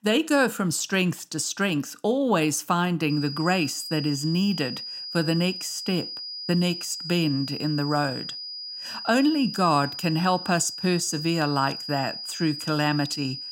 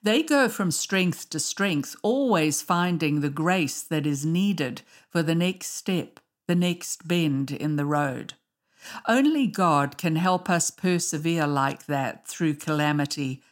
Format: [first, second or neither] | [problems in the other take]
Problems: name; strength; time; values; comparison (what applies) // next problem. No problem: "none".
second | high-pitched whine; loud; from 3 s on; 5 kHz, 8 dB below the speech